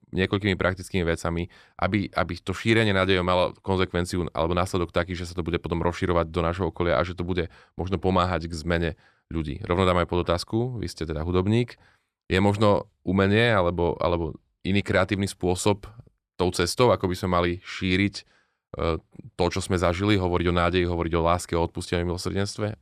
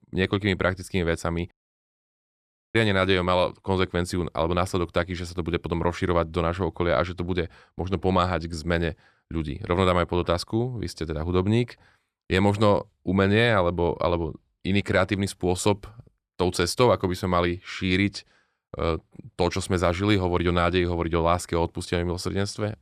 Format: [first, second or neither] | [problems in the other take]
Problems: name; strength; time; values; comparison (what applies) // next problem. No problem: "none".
first | audio cutting out; at 1.5 s for 1 s